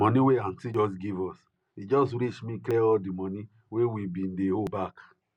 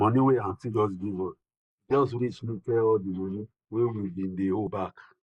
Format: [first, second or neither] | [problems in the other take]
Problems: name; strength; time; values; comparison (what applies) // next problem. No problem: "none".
first | noise reduction (neural mask model Resemble Enhance denoiser)